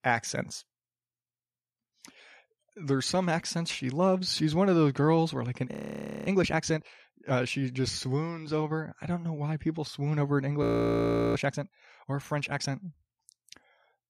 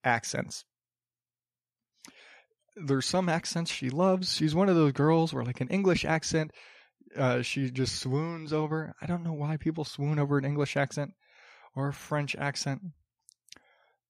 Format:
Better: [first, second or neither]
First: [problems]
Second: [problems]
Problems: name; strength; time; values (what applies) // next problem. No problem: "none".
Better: second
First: audio freezing; at 5.5 s for 0.5 s and at 11 s for 0.5 s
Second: none